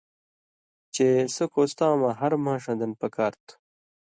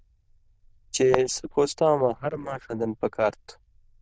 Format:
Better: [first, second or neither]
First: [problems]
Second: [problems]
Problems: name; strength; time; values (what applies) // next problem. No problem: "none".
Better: first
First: none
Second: noise reduction (neural diffusion model UNIVERSE++)